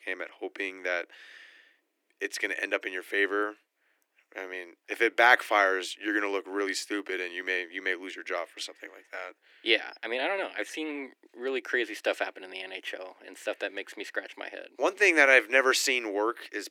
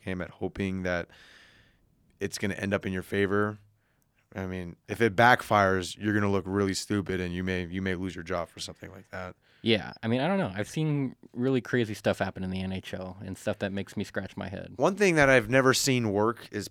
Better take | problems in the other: second | thin; very; fading below 300 Hz

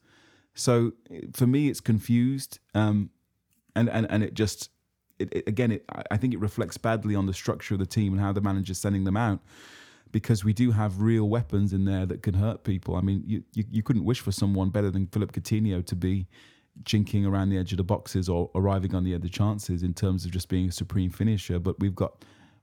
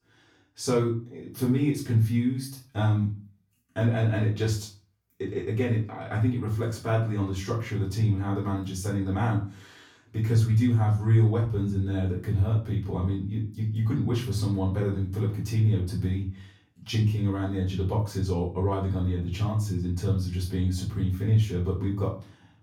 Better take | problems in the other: first | off-mic speech; far // room echo; slight; dies away in 0.3 s

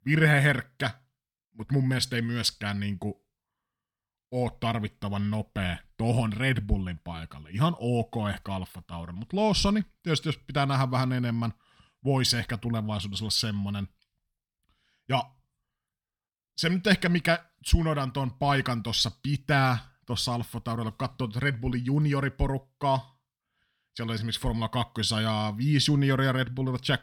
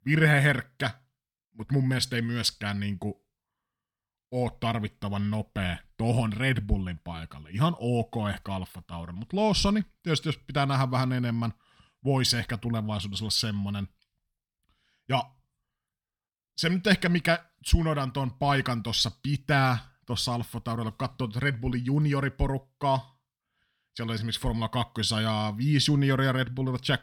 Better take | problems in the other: neither | none

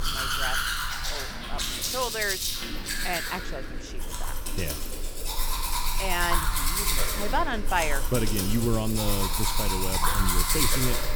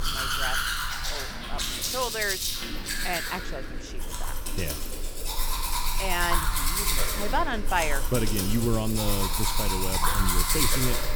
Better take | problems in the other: neither | household noises; very loud; throughout; 3 dB above the speech; the same in both

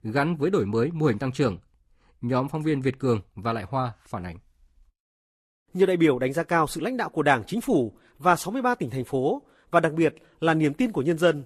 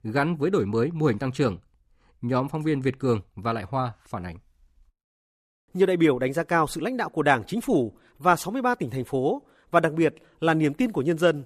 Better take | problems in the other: second | garbled, watery; slightly; nothing above 12.5 kHz

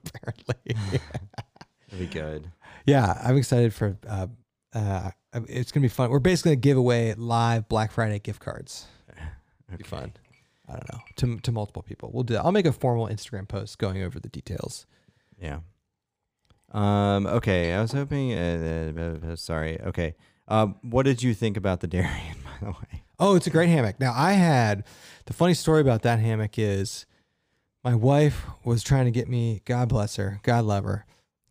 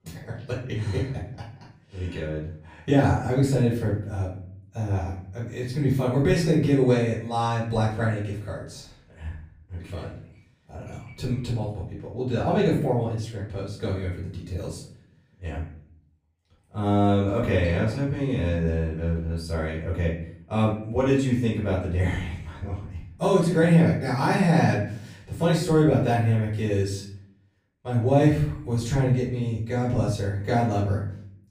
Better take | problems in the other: first | room echo; noticeable; dies away in 0.6 s // off-mic speech; far

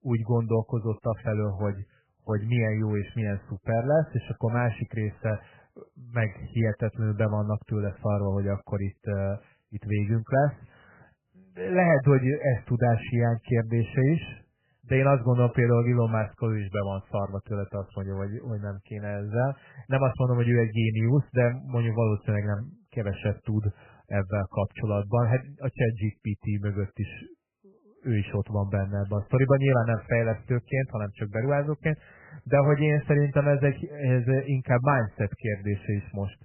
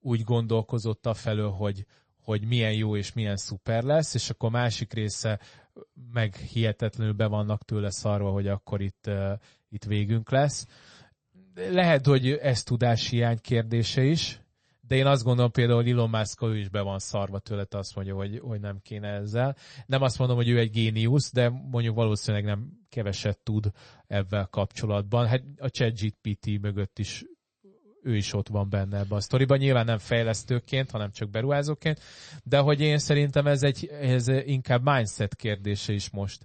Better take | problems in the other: second | garbled, watery; badly; nothing above 3 kHz; slightly in the second

